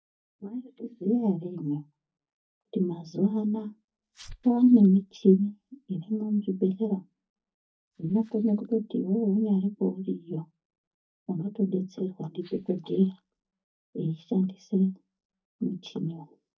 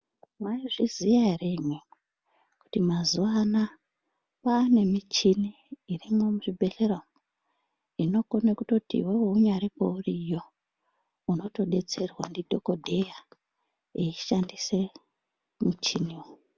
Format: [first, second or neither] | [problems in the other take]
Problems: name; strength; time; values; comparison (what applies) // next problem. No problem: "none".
second | noise reduction (neural mask model DeepFilterNet 3)